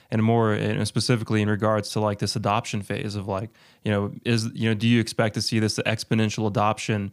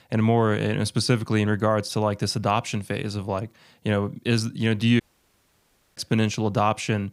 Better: first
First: none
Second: audio cutting out; at 5 s for 1 s

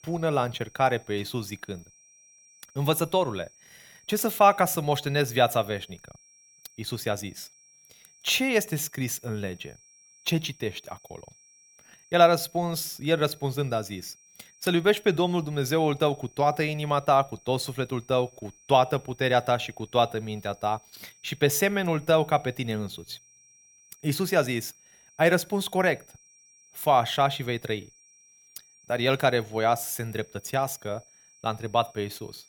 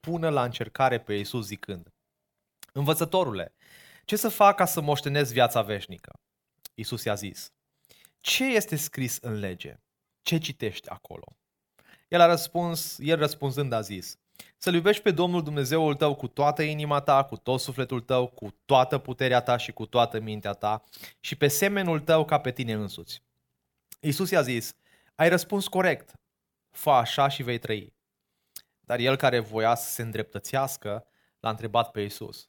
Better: second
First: high-pitched whine; faint; throughout; 5.5 kHz, 30 dB below the speech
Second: none

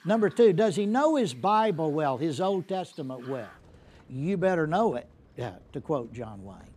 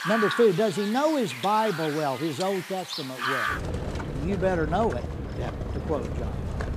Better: first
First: animal sounds; faint; throughout; 30 dB below the speech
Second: animal sounds; loud; throughout; 6 dB below the speech

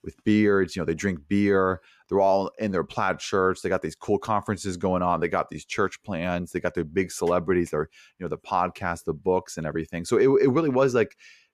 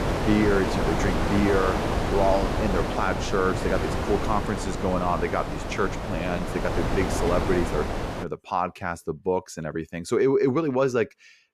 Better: first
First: none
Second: wind noise on the microphone; heavy; until 8 s; 2 dB below the speech

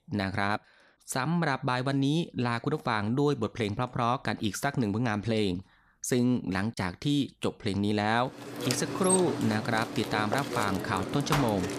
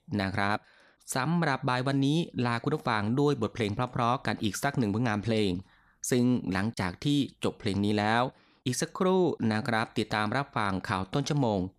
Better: second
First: machinery noise; loud; from 8.5 s on; 3 dB below the speech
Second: none

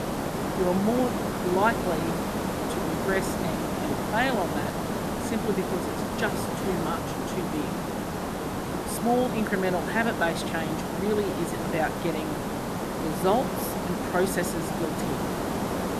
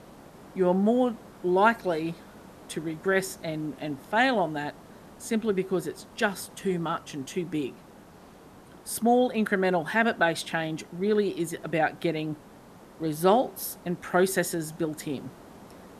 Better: second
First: hiss; loud; throughout; as loud as the speech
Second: hiss; faint; throughout; 20 dB below the speech

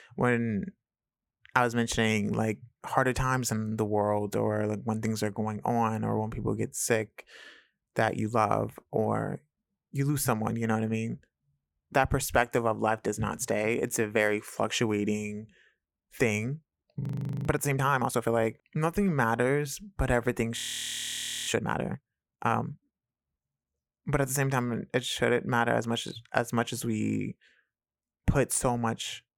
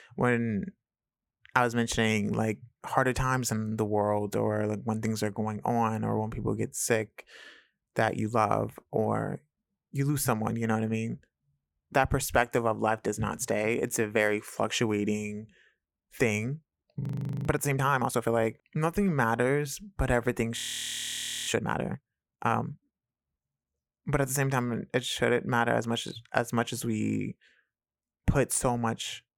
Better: neither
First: audio freezing; at 17 s and at 21 s for 1 s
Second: audio freezing; at 17 s and at 21 s for 1 s

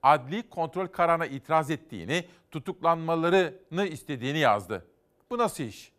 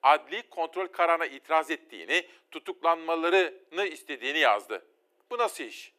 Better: first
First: none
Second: thin; very; fading below 350 Hz

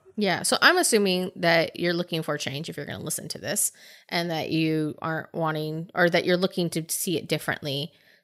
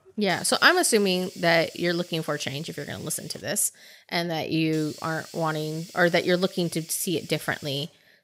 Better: first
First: none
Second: hiss; noticeable; throughout; 20 dB below the speech

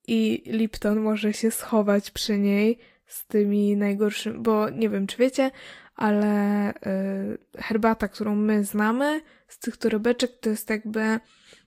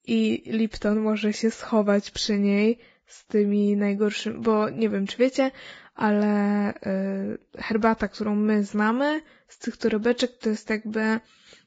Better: first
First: garbled, watery; slightly; nothing above 14.5 kHz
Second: garbled, watery; badly; nothing above 7.5 kHz

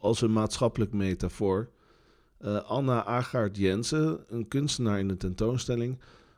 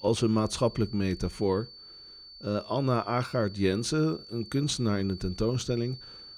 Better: first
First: none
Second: high-pitched whine; noticeable; throughout; 4.5 kHz, 15 dB below the speech

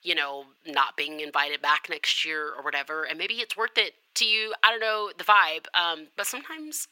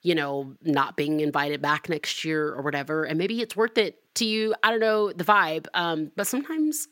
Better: second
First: thin; very; fading below 650 Hz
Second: none

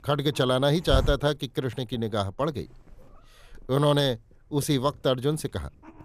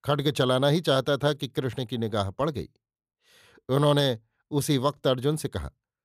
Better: second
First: hiss; loud; throughout; 7 dB below the speech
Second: none

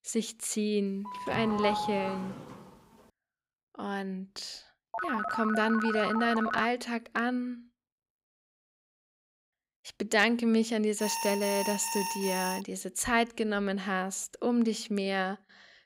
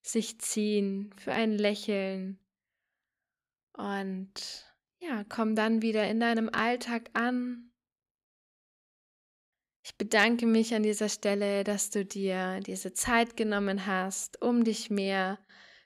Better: second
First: doorbell; noticeable; from 1 to 2.5 s; peak 2 dB below the speech // phone ringing; noticeable; from 5 to 6.5 s; peak 2 dB below the speech // alarm; noticeable; from 11 to 13 s; peak 3 dB below the speech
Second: none

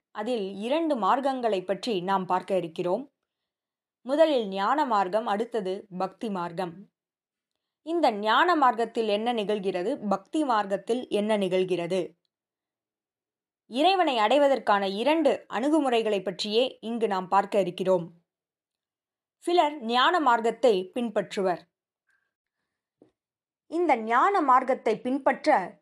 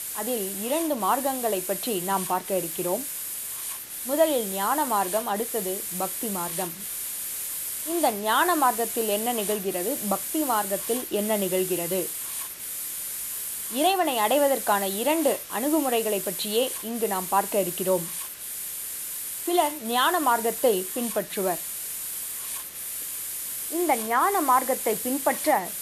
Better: first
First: none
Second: hiss; loud; throughout; 4 dB below the speech

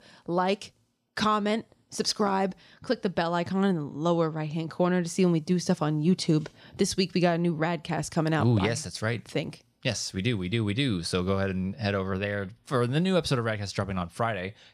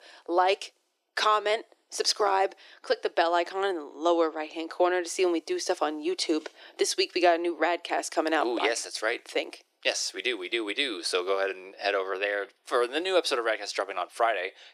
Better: first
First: none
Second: thin; very; fading below 350 Hz

